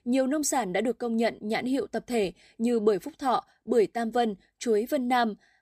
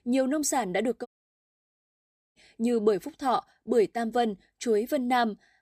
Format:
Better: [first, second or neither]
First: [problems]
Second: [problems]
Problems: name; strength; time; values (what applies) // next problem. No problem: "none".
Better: first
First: none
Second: audio cutting out; at 1 s for 1.5 s